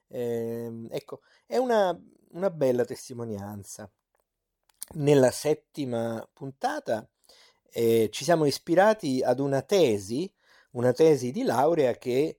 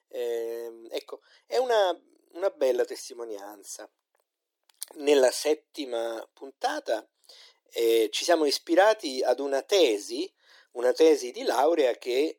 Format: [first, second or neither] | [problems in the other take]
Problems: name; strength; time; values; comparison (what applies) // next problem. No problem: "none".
first | thin; somewhat; fading below 300 Hz